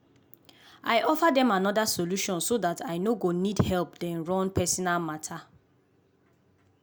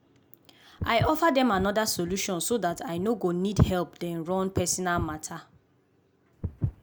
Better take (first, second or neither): first